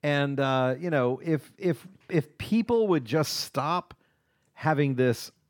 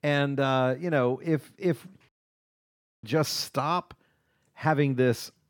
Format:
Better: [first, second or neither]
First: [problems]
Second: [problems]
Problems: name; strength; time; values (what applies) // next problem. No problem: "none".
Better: first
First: none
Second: audio cutting out; at 2 s for 1 s